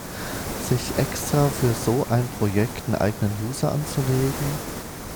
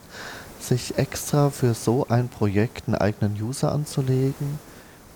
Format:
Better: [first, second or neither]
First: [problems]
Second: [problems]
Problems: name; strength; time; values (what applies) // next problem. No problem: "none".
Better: second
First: hiss; loud; throughout; 7 dB below the speech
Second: hiss; faint; throughout; 20 dB below the speech